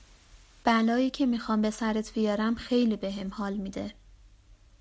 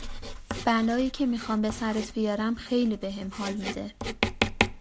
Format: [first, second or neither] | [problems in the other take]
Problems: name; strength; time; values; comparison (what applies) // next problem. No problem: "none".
first | background sound (Writing); 5 dB below the speech